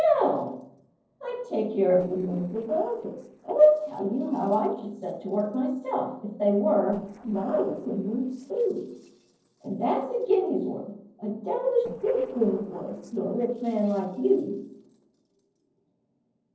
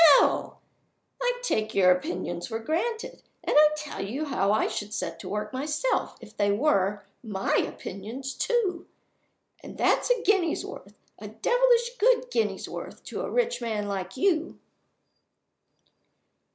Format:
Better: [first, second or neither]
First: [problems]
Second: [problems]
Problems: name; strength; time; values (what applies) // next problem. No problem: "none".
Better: second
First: noise reduction (neural separator model SepFormer DNS4)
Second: none